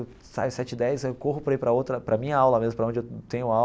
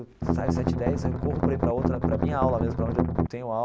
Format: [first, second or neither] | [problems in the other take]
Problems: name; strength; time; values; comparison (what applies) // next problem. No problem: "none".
first | background sound (Strum); 5 dB above the speech